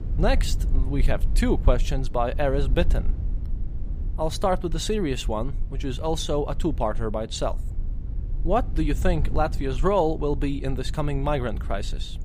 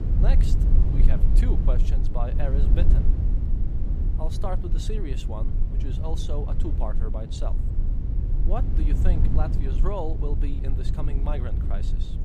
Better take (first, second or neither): first